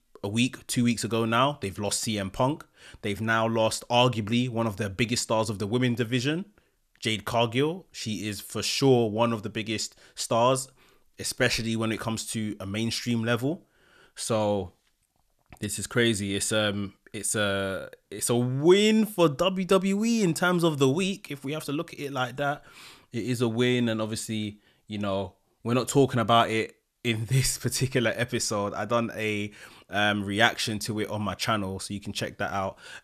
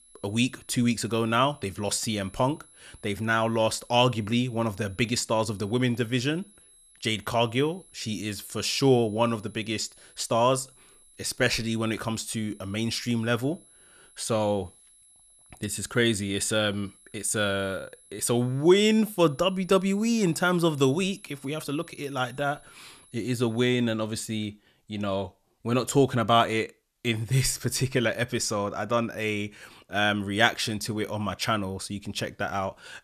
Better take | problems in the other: first | high-pitched whine; faint; until 24 s; 11 kHz, 25 dB below the speech

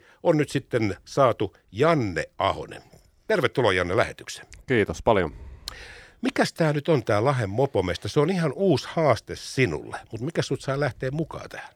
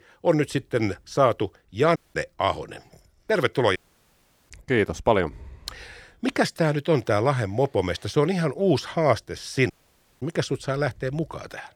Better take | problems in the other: first | audio cutting out; at 2 s, at 4 s for 0.5 s and at 9.5 s for 0.5 s

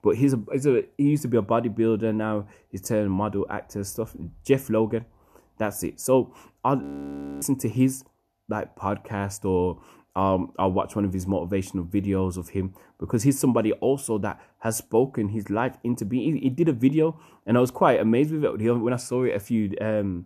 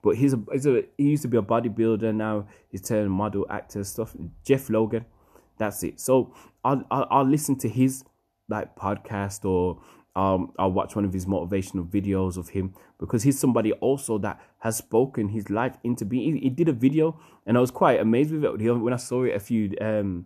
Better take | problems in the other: second | audio freezing; at 7 s for 0.5 s

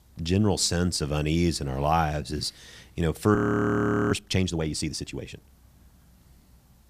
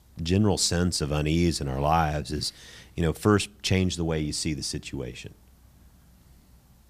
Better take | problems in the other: second | audio freezing; at 3.5 s for 1 s

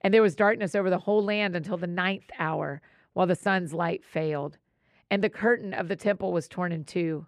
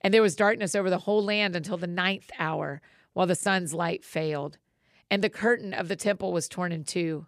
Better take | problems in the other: second | muffled; slightly; fading above 3.5 kHz

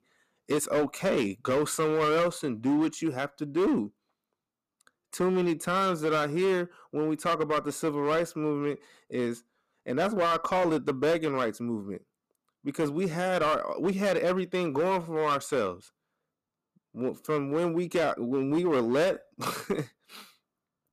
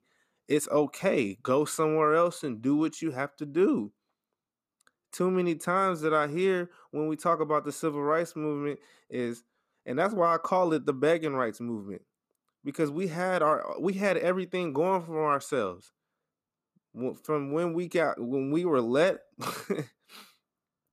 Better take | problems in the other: second | distortion; slight; 9% of the sound clipped

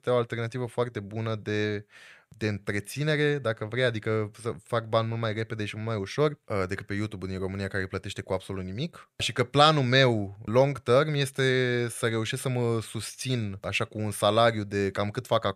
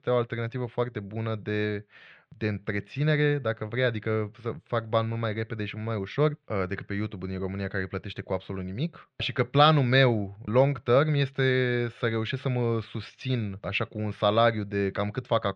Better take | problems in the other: first | muffled; slightly; fading above 4 kHz

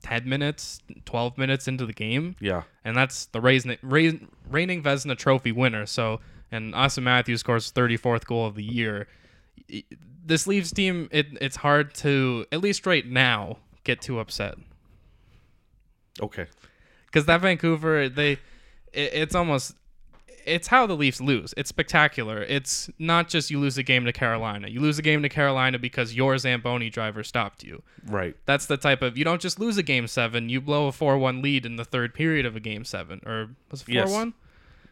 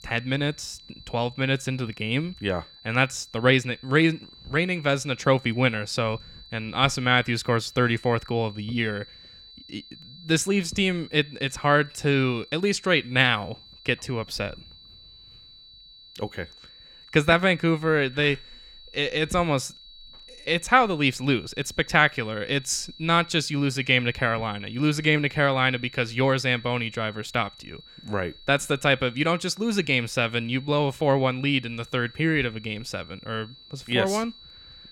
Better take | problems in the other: first | high-pitched whine; faint; throughout; 4 kHz, 20 dB below the speech

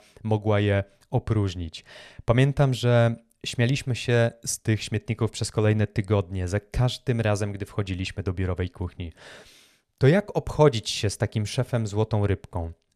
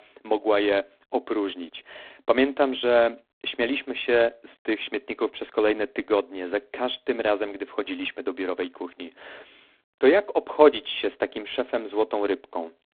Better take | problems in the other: first | phone-call audio; poor line; nothing above 3.5 kHz

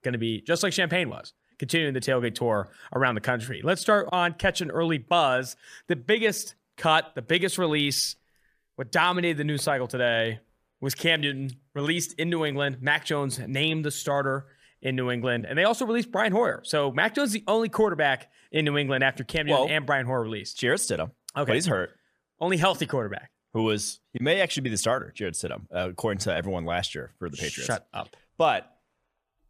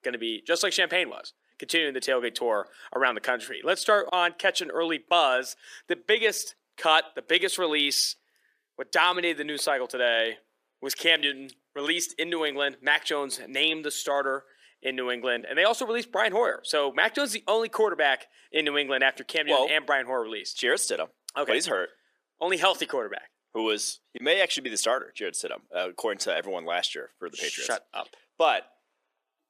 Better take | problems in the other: first | thin; somewhat; fading below 300 Hz

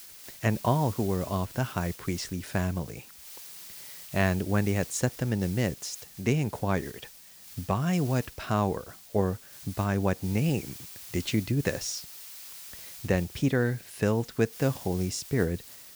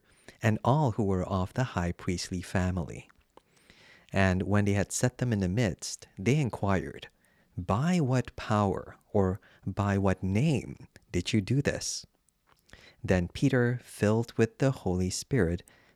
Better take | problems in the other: second | hiss; noticeable; throughout; 15 dB below the speech

